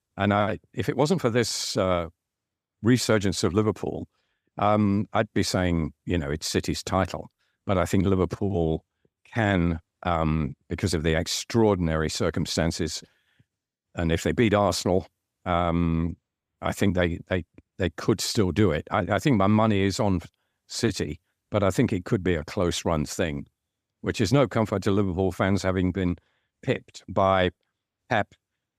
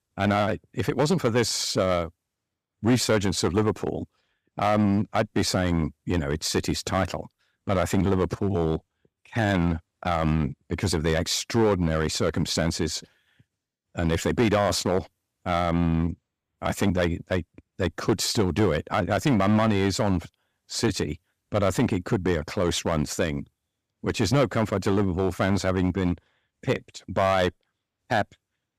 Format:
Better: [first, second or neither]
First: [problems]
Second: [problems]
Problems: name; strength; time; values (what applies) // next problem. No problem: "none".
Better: first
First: none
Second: distortion; slight; 4% of the sound clipped